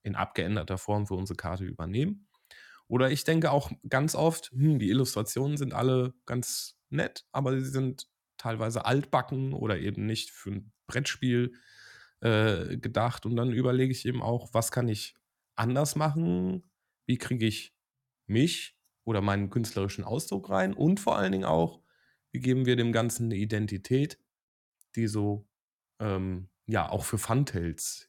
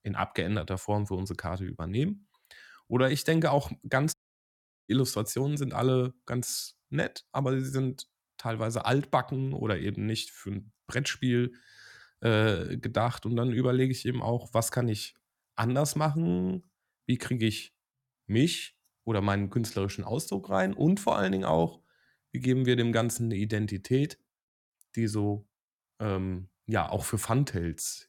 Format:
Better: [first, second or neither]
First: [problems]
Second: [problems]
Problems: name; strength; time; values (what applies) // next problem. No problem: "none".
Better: first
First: none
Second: audio cutting out; at 4 s for 0.5 s